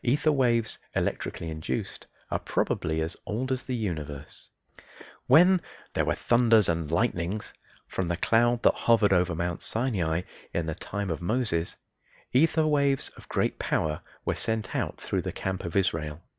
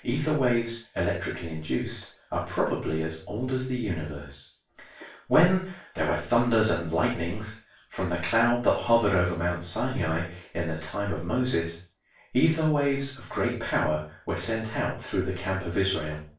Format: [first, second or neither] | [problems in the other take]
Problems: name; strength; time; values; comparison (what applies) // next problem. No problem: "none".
first | room echo; dies away in 0.3 s